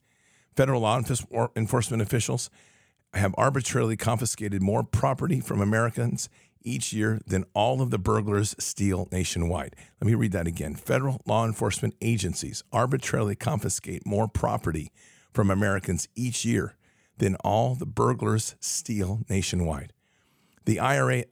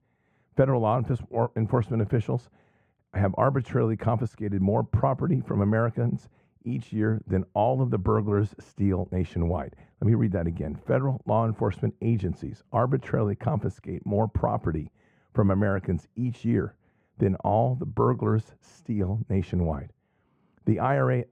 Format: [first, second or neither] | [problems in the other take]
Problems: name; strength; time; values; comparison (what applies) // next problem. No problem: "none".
first | muffled; very; fading above 3 kHz